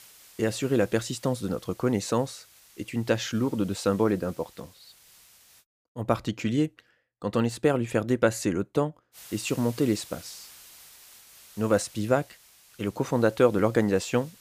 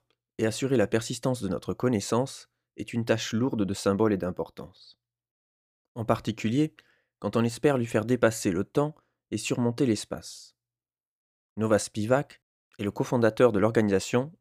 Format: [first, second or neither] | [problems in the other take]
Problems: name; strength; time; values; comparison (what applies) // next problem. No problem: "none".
second | hiss; faint; until 5.5 s and from 9 s on; 20 dB below the speech